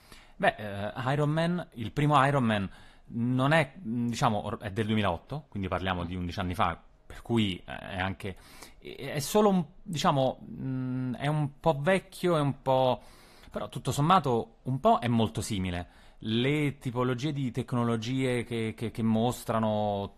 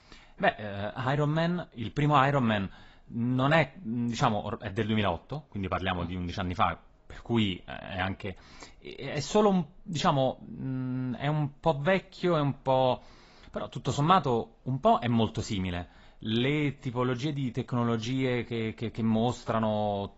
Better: first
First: garbled, watery; slightly; nothing above 14 kHz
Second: garbled, watery; badly; nothing above 7.5 kHz

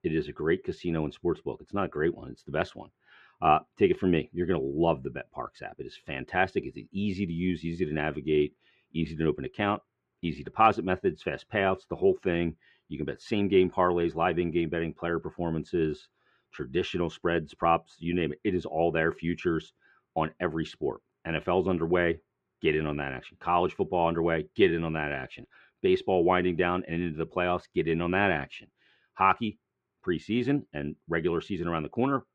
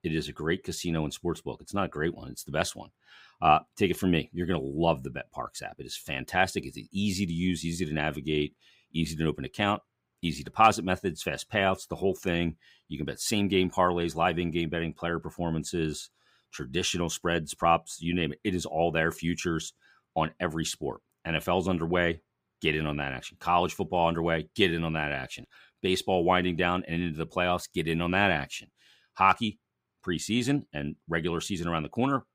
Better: second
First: muffled; very; fading above 2 kHz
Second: none

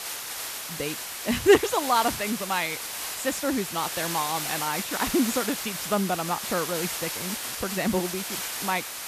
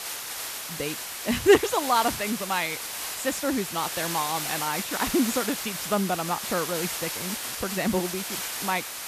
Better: neither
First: hiss; loud; throughout; 4 dB below the speech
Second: hiss; loud; throughout; 4 dB below the speech

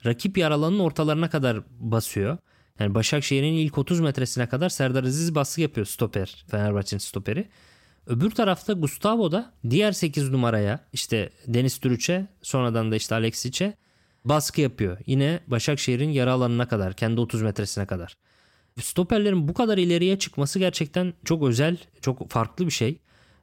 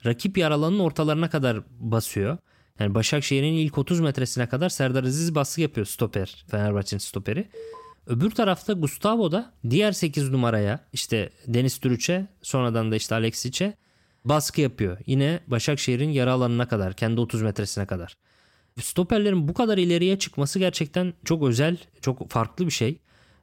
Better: first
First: none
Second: alarm; faint; at 7.5 s; peak 15 dB below the speech

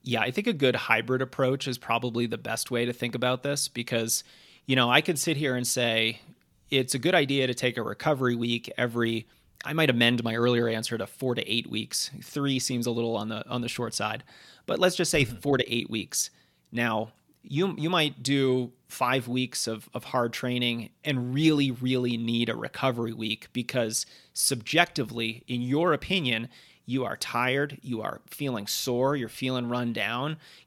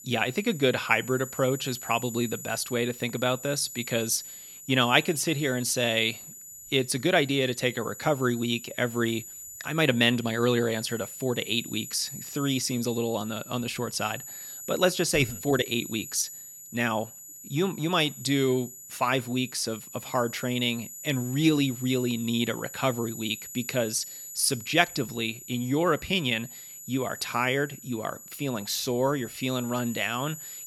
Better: first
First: none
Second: high-pitched whine; noticeable; throughout; 7 kHz, 15 dB below the speech

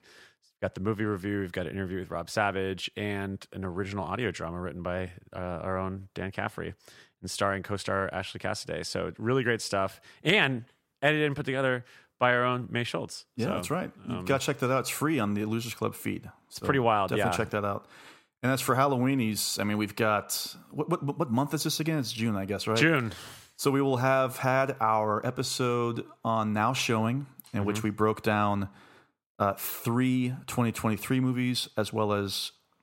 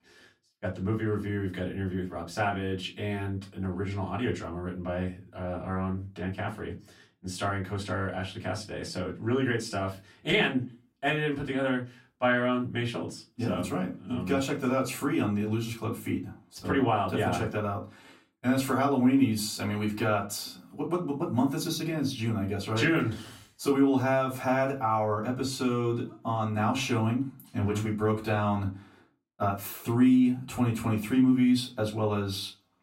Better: first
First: none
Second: off-mic speech; far // room echo; very slight; dies away in 0.2 s

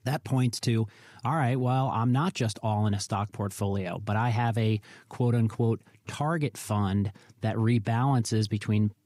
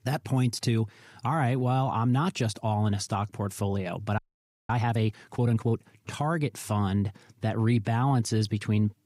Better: first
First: none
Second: audio freezing; at 4 s for 0.5 s

